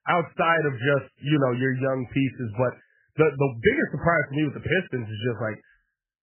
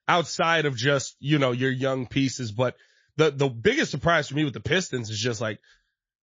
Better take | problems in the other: second | garbled, watery; badly; nothing above 3 kHz; slightly in the second

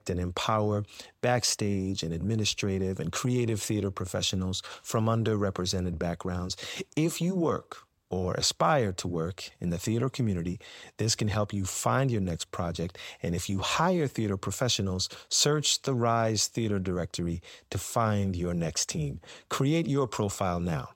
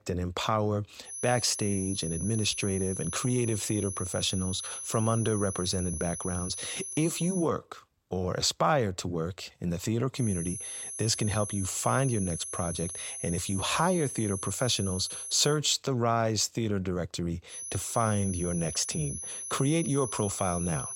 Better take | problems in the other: first | high-pitched whine; loud; from 1 to 7.5 s, from 10 to 16 s and from 18 s on; 10.5 kHz, 6 dB below the speech

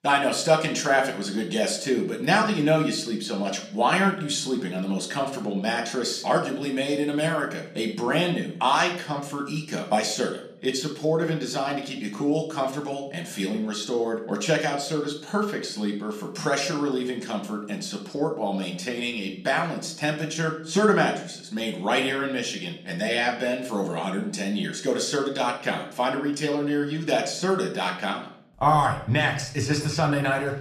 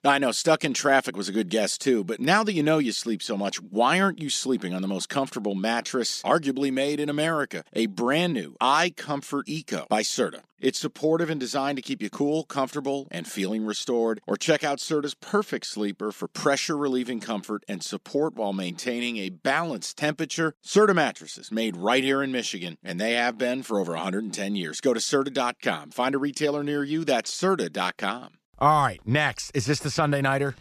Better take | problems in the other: second | room echo; slight; dies away in 0.5 s // off-mic speech; somewhat distant

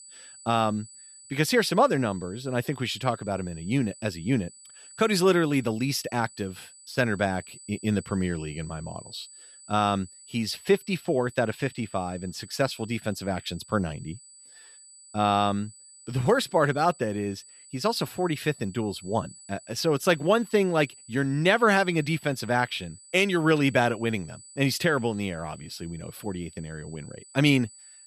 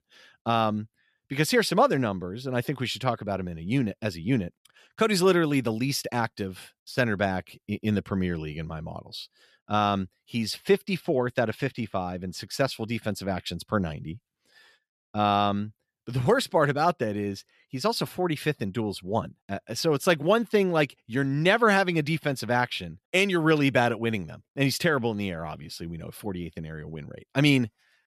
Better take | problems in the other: second | high-pitched whine; faint; throughout; 8 kHz, 20 dB below the speech

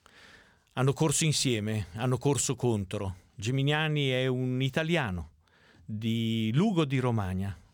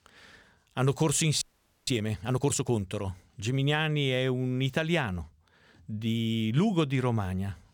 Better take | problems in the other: first | audio freezing; at 1.5 s

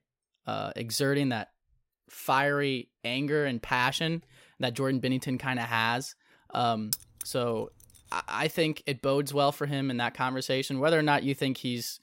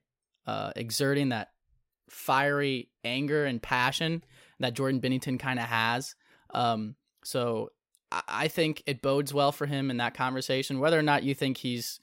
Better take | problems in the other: second | jangling keys; noticeable; at 7 s; peak 4 dB below the speech

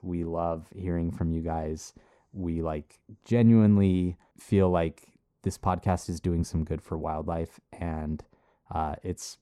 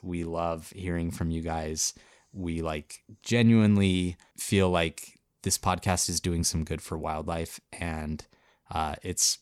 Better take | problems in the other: second | muffled; very; fading above 2 kHz

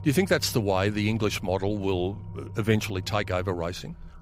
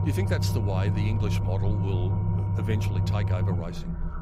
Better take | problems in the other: first | low rumble; loud; throughout; 2 dB below the speech; faint in the first

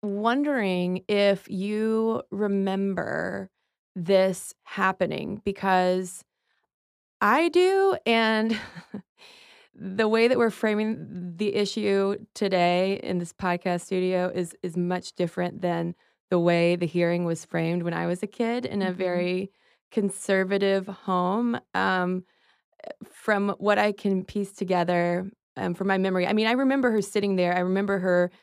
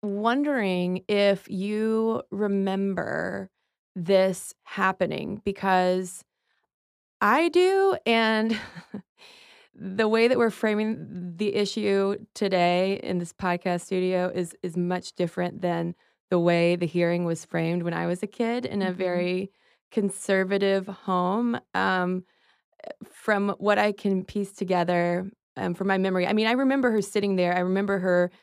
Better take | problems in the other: neither | none

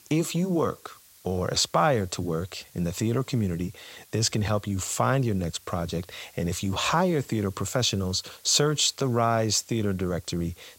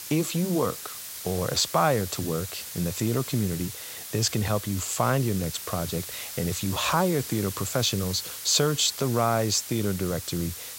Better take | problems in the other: first | hiss; loud; throughout; 9 dB below the speech; faint in the first

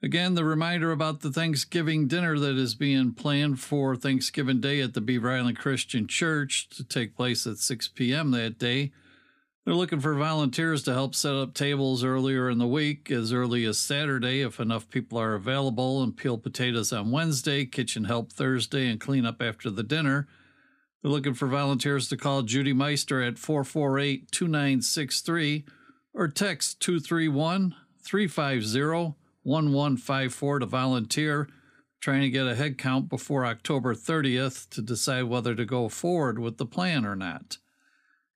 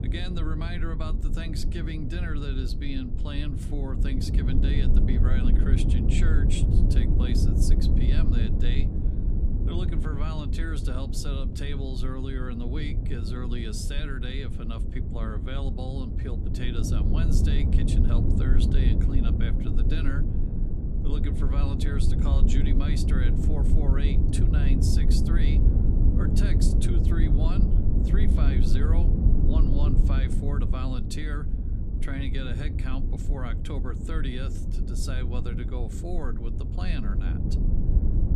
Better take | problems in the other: first | low rumble; loud; throughout; 1 dB below the speech

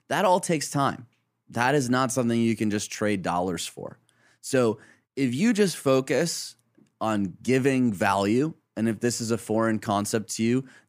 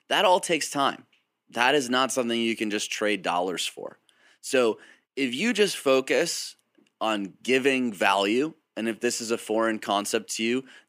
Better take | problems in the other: first | thin; very slightly; fading below 350 Hz

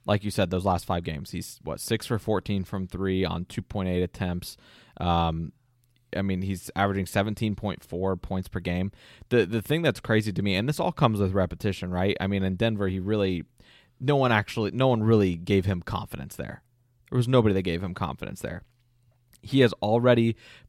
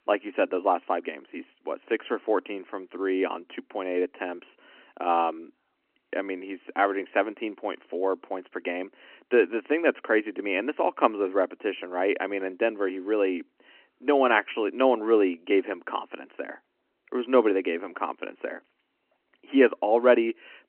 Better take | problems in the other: first | phone-call audio

